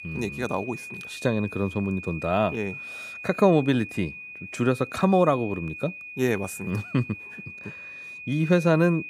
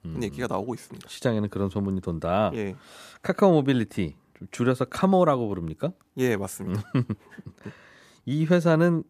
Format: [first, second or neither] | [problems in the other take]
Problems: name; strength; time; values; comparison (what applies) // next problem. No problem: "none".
second | high-pitched whine; noticeable; throughout; 2.5 kHz, 10 dB below the speech